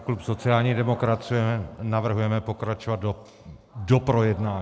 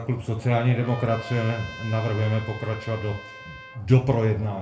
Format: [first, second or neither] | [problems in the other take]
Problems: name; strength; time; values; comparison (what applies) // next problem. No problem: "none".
first | background sound (Trumpet); 16 dB below the speech // room echo; dies away in 0.3 s